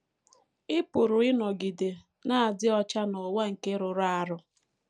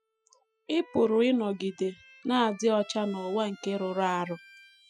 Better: first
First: none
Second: noise reduction (classical method spectral subtraction)

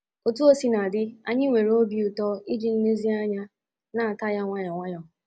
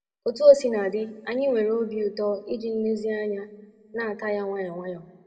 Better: first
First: none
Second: room echo; dies away in 1 s

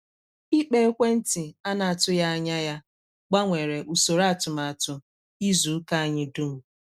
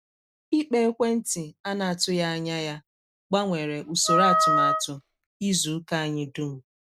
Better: first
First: none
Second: background sound (Wind instrument, woodwind instrument); 3 dB above the speech

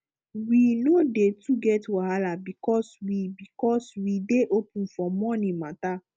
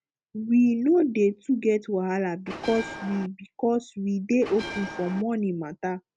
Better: first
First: none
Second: background sound (Bell); 11 dB below the speech

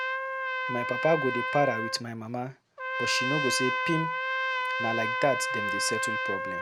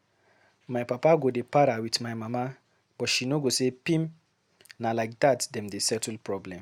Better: second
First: background sound (Trumpet); 1 dB above the speech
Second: none

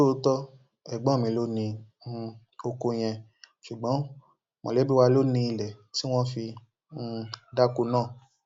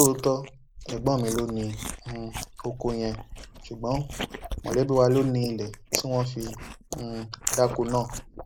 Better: first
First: none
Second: noise reduction (neural mask model Resemble Enhance denoiser)

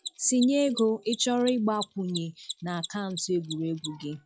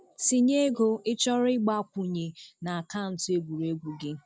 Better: second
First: noise reduction (classical method log-MMSE)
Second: none

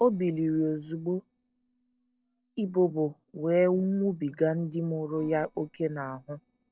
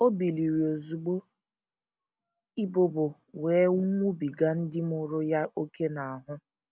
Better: second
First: noise reduction (neural separator model SepFormer DNS4)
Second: none

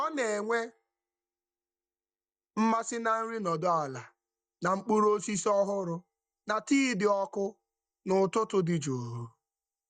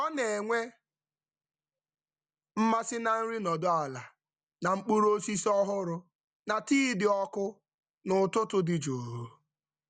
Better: second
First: noise reduction (neural mask model DeepFilterNet 3)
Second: none

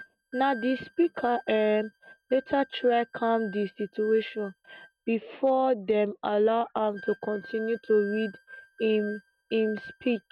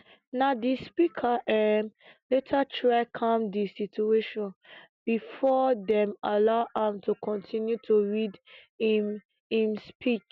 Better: second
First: noise reduction (neural mask model RNNoise)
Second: none

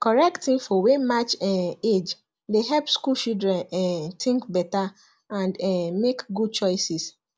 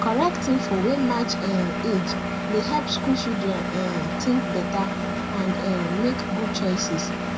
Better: first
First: none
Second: background sound (Engine); 1 dB below the speech // room echo; dies away in 1.3 s

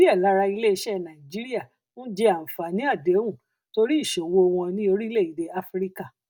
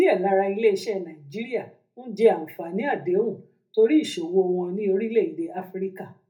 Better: first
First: none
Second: room echo; dies away in 0.3 s

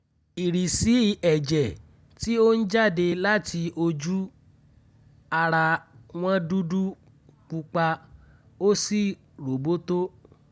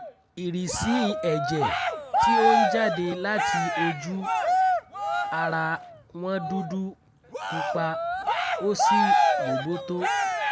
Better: first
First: none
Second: background sound (Cheering); 4 dB above the speech

